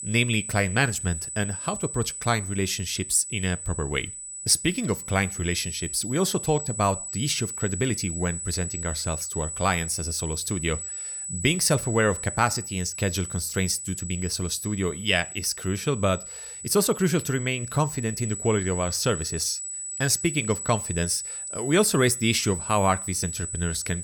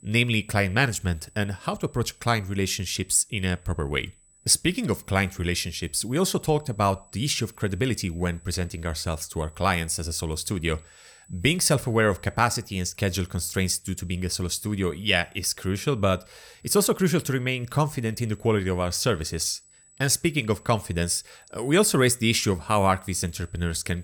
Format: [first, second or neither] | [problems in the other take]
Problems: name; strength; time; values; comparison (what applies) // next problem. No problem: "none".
second | high-pitched whine; loud; throughout; 8 kHz, 7 dB below the speech; faint in the second